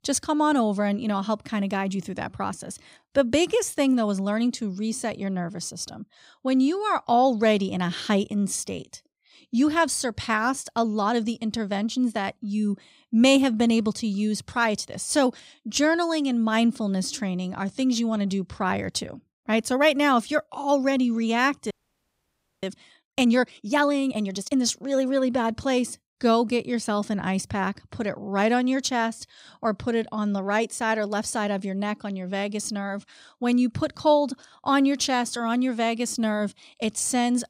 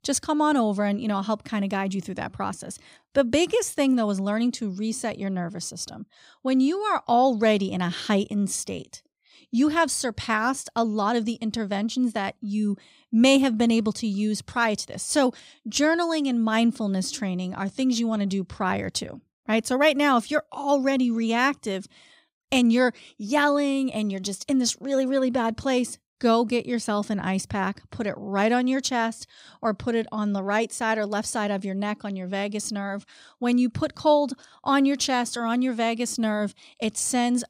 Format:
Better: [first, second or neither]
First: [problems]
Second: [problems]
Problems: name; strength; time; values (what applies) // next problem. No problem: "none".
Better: second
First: audio freezing; at 22 s for 1 s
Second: none